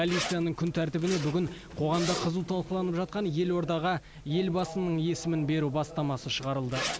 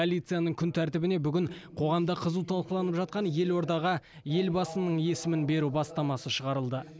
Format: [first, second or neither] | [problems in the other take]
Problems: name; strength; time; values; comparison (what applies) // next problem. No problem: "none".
second | background sound (Zipper (clothing)); 11 dB below the speech